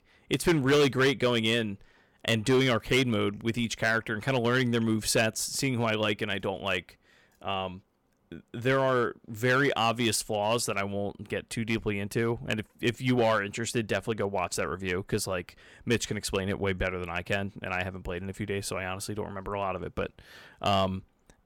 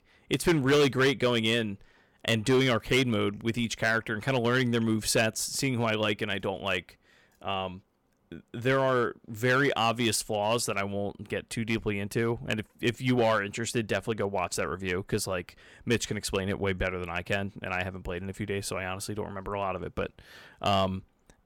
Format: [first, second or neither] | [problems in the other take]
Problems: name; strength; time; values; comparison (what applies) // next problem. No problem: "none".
neither | distortion; slight; 3% of the sound clipped; the same in both